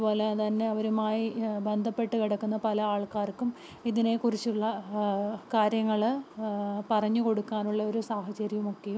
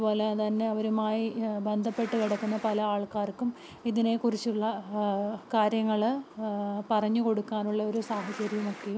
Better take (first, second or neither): first